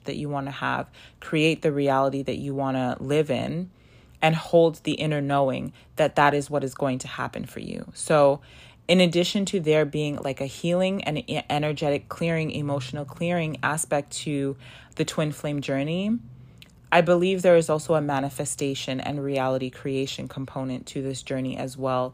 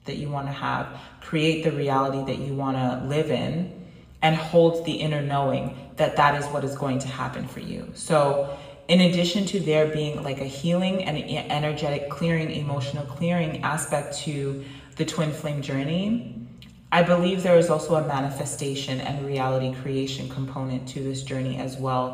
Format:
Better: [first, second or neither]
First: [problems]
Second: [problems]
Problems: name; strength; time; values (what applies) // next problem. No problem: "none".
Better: first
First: none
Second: room echo; noticeable; dies away in 1 s // off-mic speech; somewhat distant